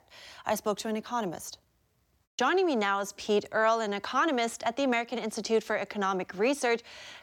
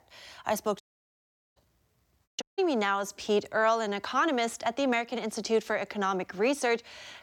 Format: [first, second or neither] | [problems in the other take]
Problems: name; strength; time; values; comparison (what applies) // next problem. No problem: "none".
first | audio cutting out; at 1 s for 1 s and at 2.5 s